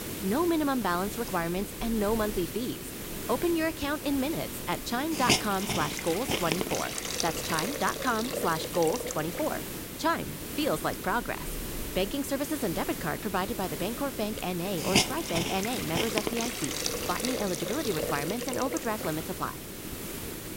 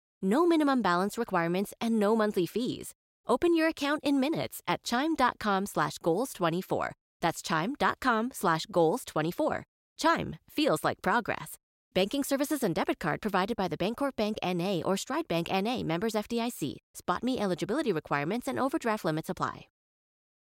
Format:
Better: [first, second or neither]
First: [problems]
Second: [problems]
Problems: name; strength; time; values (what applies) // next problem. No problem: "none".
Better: second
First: hiss; loud; throughout; 2 dB below the speech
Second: none